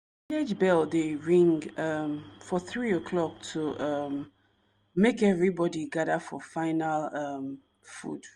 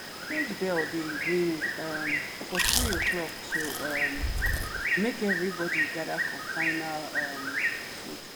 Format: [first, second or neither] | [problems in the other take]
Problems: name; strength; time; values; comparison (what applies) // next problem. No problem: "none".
first | background sound (Bird + Chewing, mastication); 3 dB above the speech